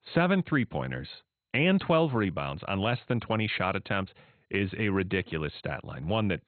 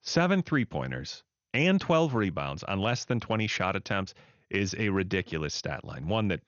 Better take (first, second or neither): second